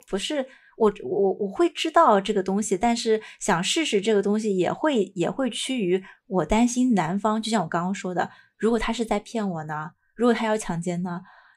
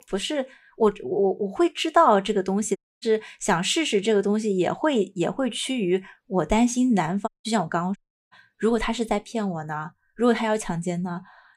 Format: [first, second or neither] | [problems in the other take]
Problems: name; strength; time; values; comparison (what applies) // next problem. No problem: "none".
first | audio cutting out; at 3 s, at 7.5 s and at 8 s